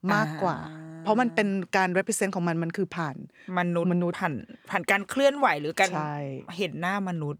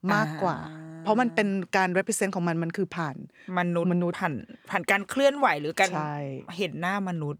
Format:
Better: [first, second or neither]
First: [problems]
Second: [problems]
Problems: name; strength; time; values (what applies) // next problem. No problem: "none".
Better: neither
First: none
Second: none